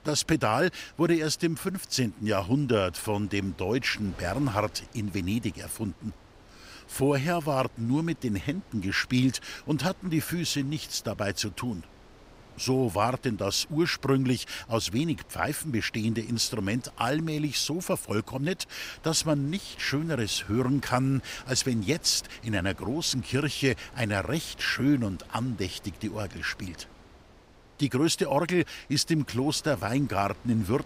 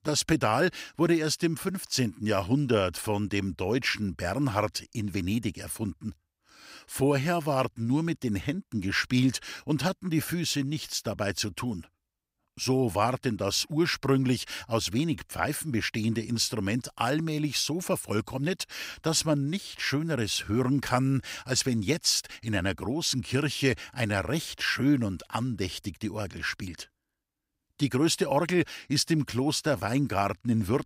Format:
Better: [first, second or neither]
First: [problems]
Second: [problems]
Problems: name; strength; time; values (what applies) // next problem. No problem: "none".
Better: second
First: wind noise on the microphone; occasional gusts; 25 dB below the speech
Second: none